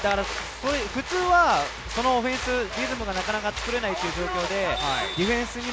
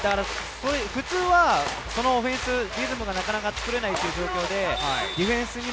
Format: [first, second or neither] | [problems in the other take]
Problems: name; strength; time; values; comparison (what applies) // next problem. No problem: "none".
first | background sound (Gunshot, gunfire); 18 dB below the speech